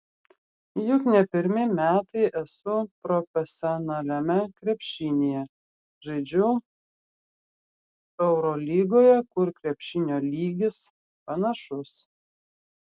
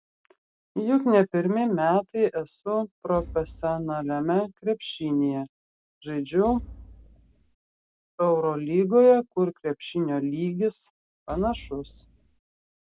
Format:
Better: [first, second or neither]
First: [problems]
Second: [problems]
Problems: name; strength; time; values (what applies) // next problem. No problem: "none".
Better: first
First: none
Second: background sound (Thump, thud); 17 dB below the speech